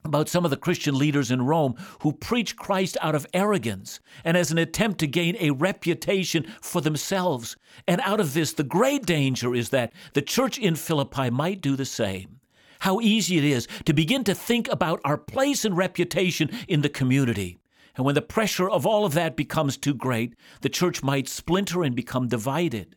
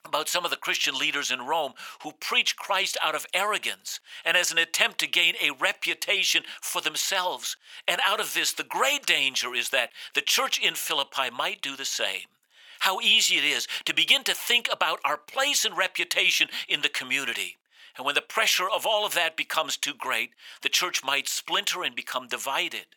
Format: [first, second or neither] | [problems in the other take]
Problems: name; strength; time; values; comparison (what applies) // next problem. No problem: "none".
first | thin; very; fading below 950 Hz